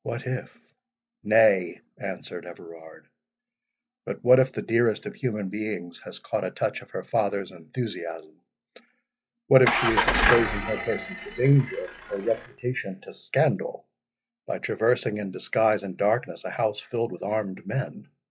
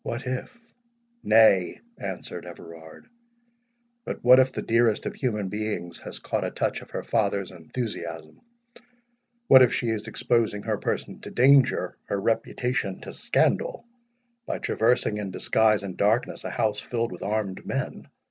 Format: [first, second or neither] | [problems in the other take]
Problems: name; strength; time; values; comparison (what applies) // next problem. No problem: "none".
second | noise reduction (classical method log-MMSE)